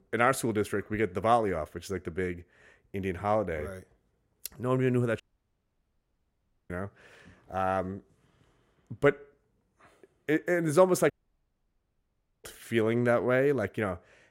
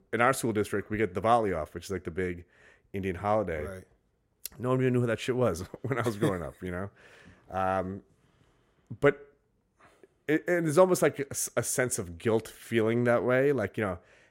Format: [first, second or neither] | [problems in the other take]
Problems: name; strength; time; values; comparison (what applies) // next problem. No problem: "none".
second | audio cutting out; at 5 s for 1.5 s and at 11 s for 1.5 s